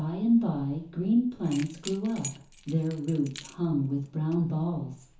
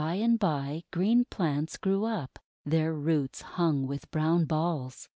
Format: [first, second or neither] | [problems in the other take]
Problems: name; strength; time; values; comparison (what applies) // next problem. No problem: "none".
second | background sound (Keys jangling); 19 dB below the speech // room echo; dies away in 0.9 s